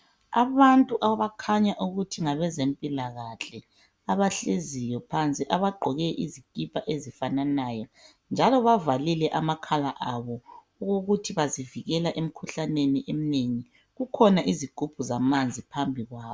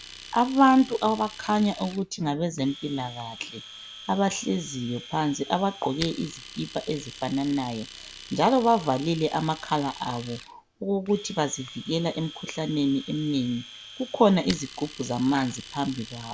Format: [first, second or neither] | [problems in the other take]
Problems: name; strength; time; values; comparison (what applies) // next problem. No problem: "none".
first | background sound (Domestic sounds, home sounds); 16 dB below the speech